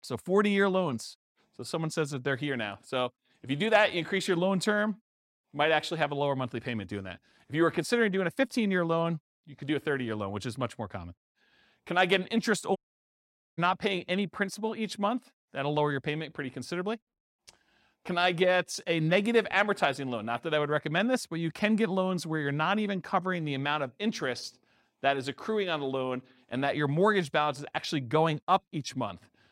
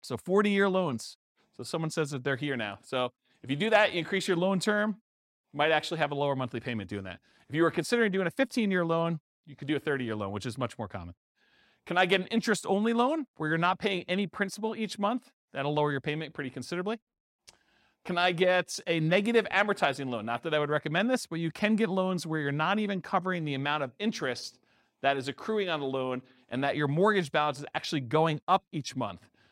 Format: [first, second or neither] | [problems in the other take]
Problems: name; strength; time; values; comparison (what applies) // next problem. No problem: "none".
second | audio cutting out; at 13 s for 1 s